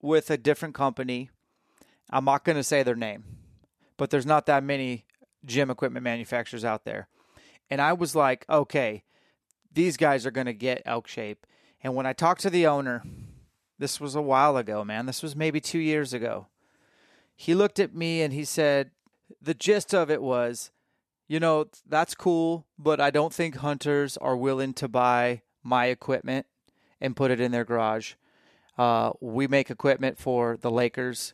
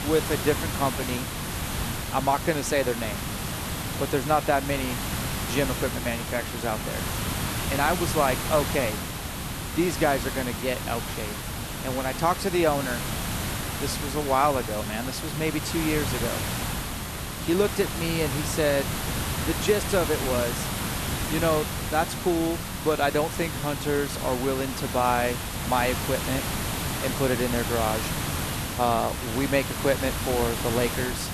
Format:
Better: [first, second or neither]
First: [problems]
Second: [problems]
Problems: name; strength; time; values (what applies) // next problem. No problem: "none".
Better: first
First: none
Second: hiss; loud; throughout; 3 dB below the speech